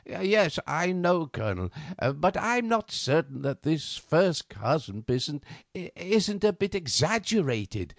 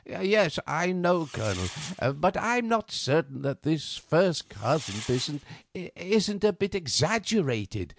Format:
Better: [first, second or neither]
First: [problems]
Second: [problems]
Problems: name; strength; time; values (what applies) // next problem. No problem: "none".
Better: first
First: none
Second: background sound (Fireworks); 15 dB below the speech